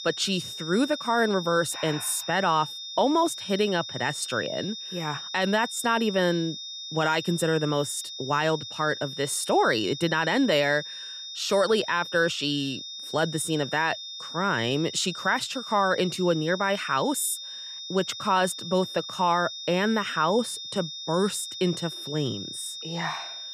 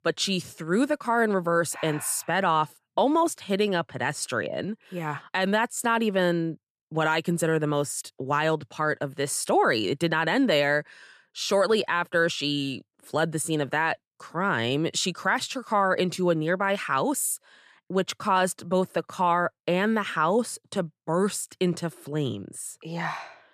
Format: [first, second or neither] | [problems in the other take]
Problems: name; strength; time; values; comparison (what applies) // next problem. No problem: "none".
second | high-pitched whine; loud; throughout; 3.5 kHz, 9 dB below the speech